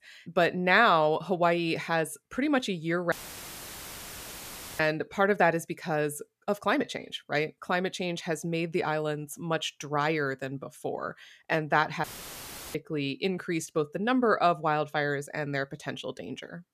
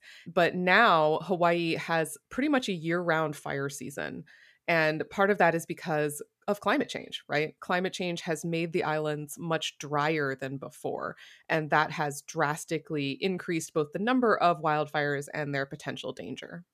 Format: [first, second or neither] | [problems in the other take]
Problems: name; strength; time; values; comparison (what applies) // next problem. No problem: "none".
second | audio cutting out; filled with static; at 3 s for 1.5 s and at 12 s for 0.5 s